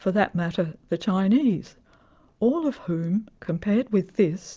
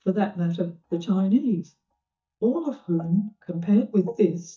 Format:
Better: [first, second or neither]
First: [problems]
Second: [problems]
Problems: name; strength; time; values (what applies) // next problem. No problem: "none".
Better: first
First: none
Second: noise reduction (neural mask model DeepFilterNet 3)